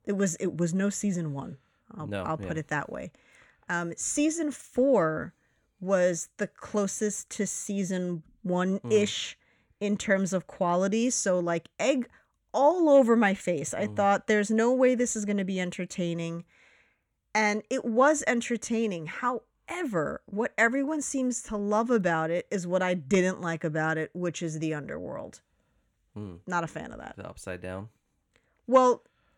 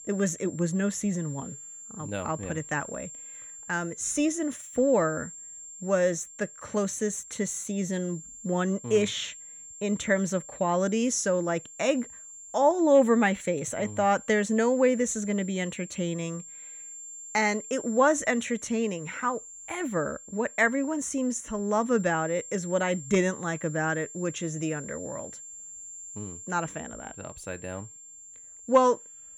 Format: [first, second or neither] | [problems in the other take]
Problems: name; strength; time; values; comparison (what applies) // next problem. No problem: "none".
first | high-pitched whine; noticeable; throughout; 7.5 kHz, 15 dB below the speech